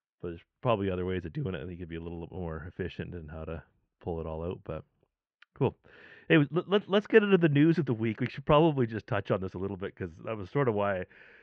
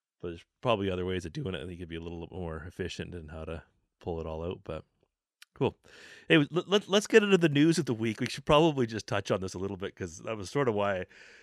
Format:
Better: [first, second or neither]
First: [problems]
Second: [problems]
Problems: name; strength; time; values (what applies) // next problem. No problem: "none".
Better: second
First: muffled; very; fading above 2.5 kHz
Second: none